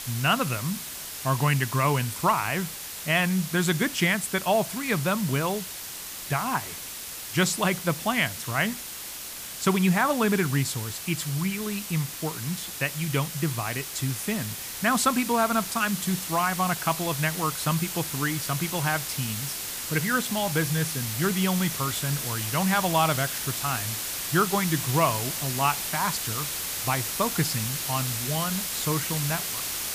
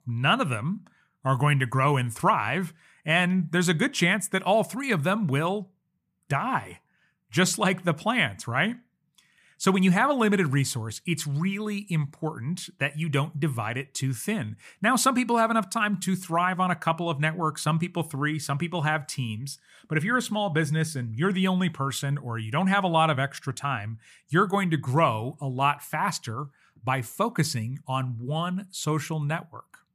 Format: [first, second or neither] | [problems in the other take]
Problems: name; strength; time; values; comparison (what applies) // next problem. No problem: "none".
second | hiss; loud; throughout; 4 dB below the speech